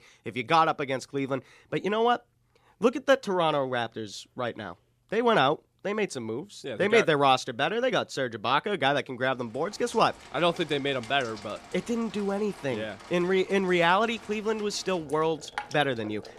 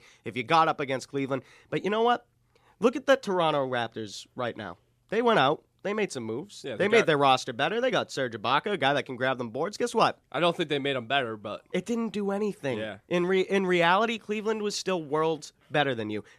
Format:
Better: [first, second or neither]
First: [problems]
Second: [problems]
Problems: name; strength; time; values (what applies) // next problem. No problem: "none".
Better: second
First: rain or running water; noticeable; from 9.5 s on; 20 dB below the speech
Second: none